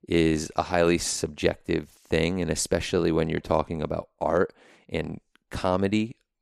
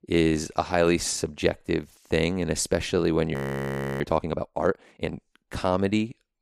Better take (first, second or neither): first